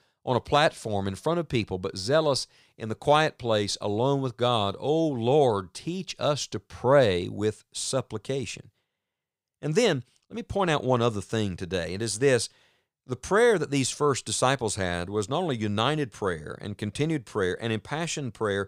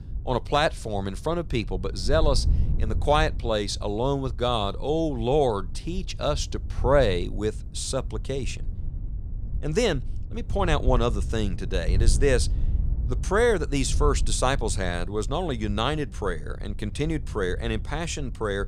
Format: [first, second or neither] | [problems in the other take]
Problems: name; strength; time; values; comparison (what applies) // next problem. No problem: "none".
first | wind noise on the microphone; occasional gusts; 20 dB below the speech